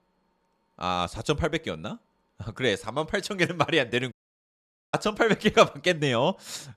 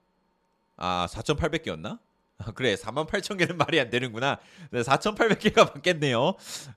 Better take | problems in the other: second | audio cutting out; at 4 s for 1 s

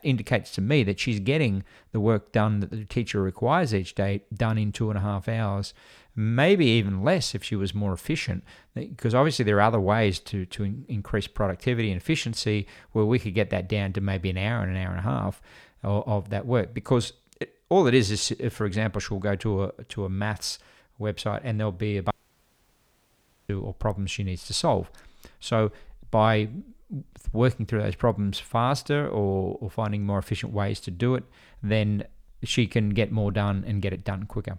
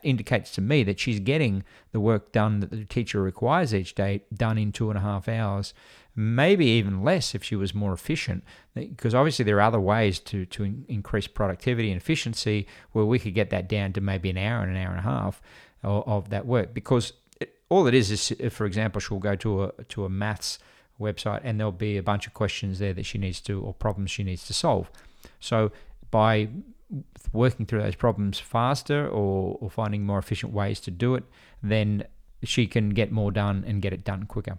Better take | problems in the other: second | audio cutting out; at 22 s for 1.5 s

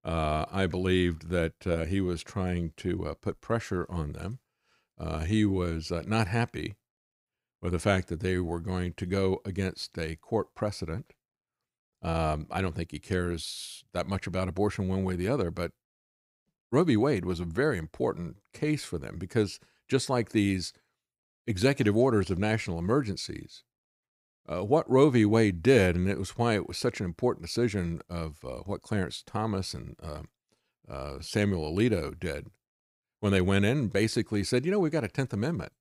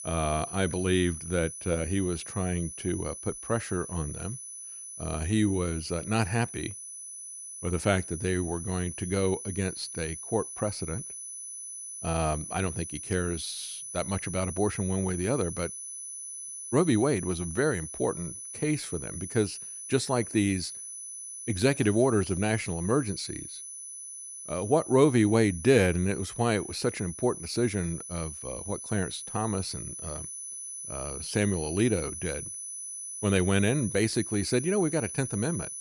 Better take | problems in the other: first | high-pitched whine; loud; throughout; 10 kHz, 8 dB below the speech

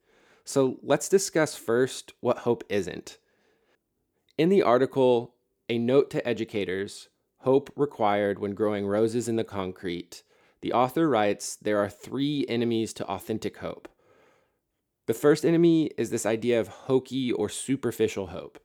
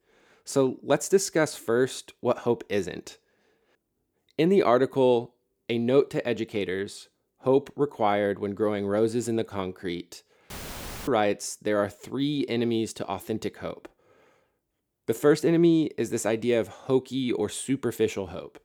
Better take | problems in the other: first | audio cutting out; filled with static; at 11 s for 0.5 s

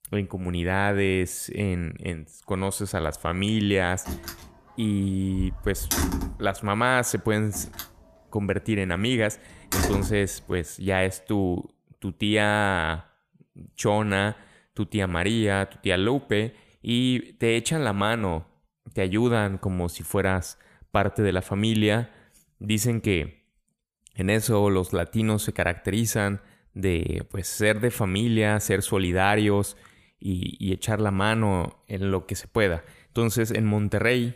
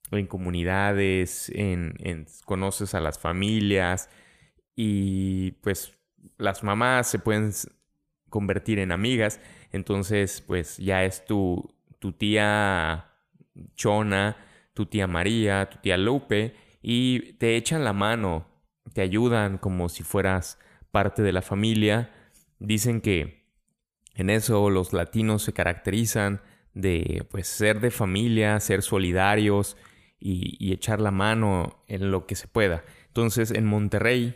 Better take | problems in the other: second | door banging; loud; from 4 to 10 s; peak level with the speech

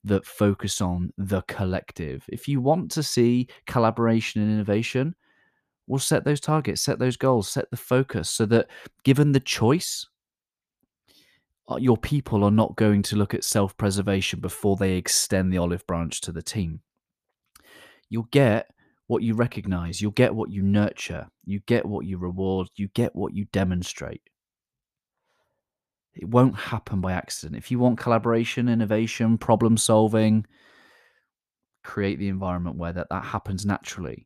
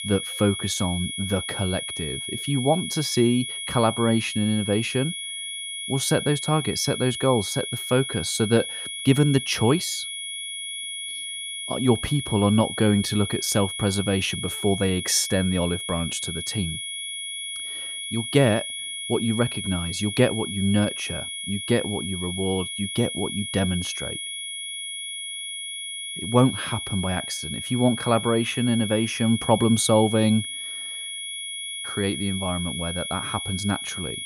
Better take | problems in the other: first | high-pitched whine; loud; throughout; 3.5 kHz, 6 dB below the speech

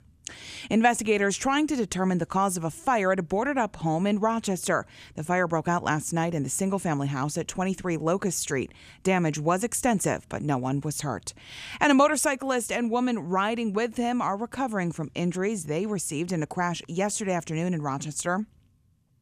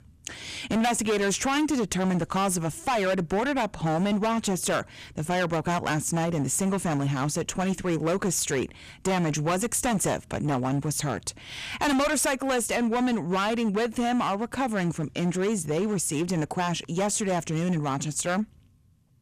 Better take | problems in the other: first | distortion; heavy; 16% of the sound clipped

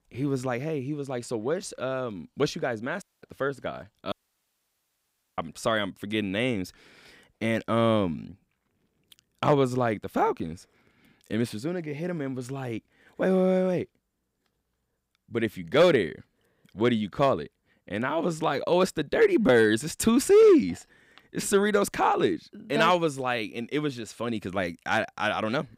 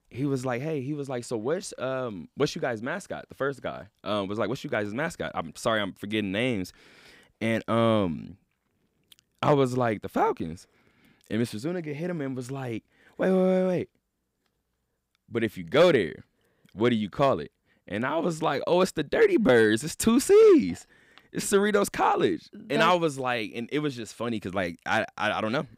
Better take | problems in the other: second | audio cutting out; at 3 s and at 4 s for 1.5 s

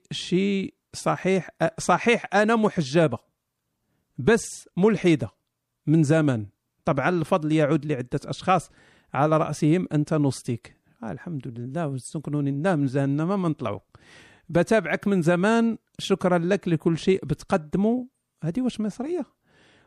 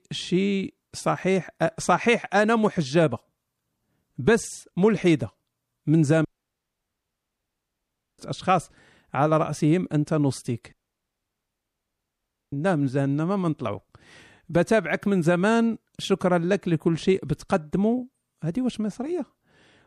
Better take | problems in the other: first | audio cutting out; at 6.5 s for 2 s and at 11 s for 2 s

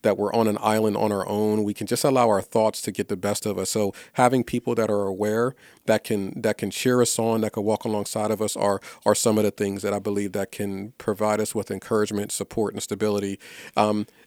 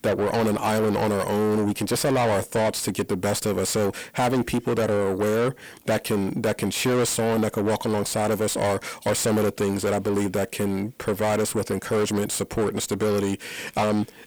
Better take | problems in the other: first | distortion; heavy; 6 dB below the speech

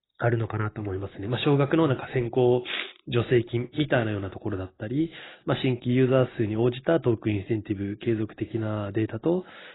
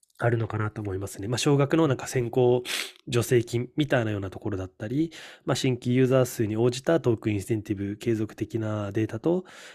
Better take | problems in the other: second | garbled, watery; badly; nothing above 4 kHz

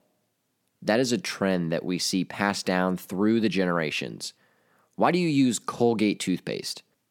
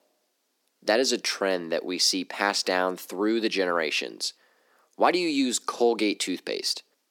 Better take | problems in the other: first | thin; somewhat; fading below 300 Hz

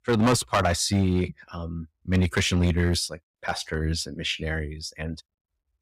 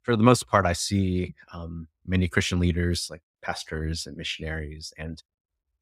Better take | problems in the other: second | distortion; heavy; 4% of the sound clipped

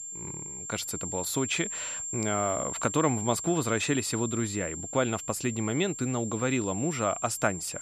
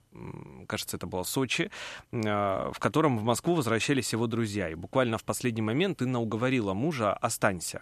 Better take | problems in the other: second | high-pitched whine; loud; throughout; 7.5 kHz, 5 dB below the speech

